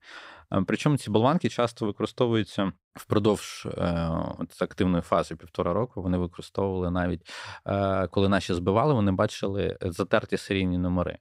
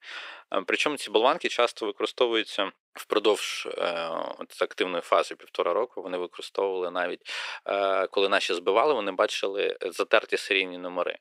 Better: first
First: none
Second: thin; very; fading below 400 Hz

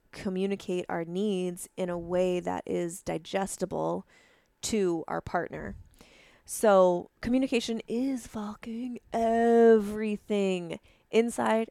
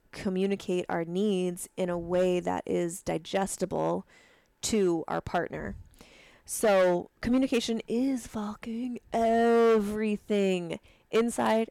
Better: first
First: none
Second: distortion; slight; 4% of the sound clipped

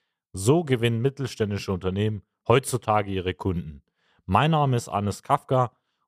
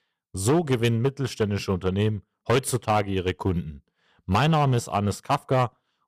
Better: first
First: none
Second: distortion; slight; 5% of the sound clipped

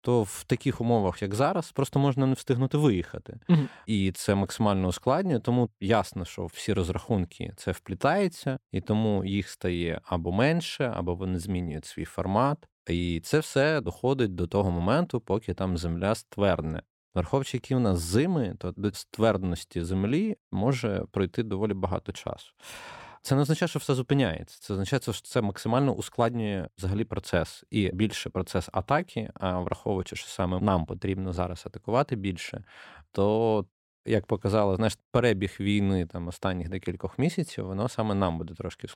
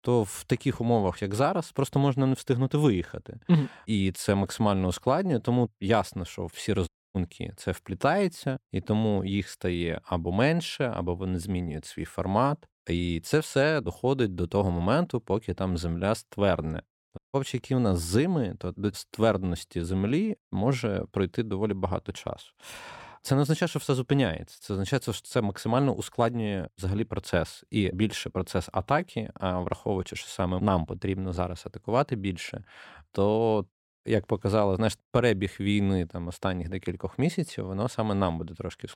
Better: first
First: none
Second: audio cutting out; at 7 s and at 17 s

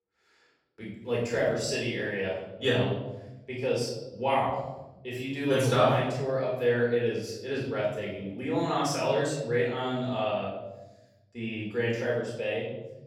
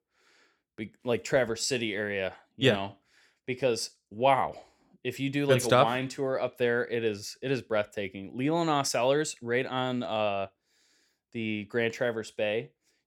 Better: second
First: room echo; noticeable; dies away in 1.2 s // off-mic speech; far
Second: none

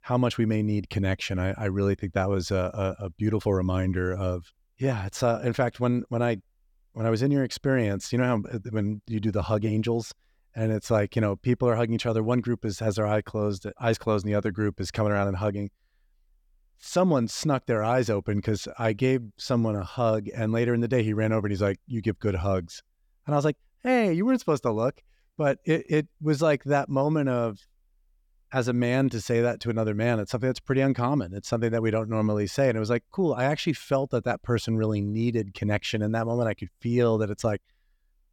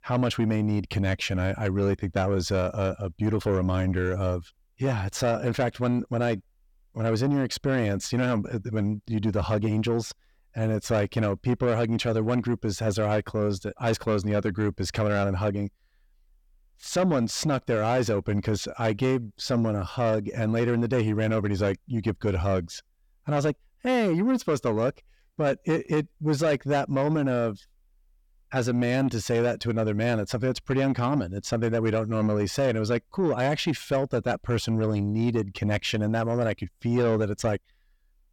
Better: first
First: none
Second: distortion; slight; 10 dB below the speech

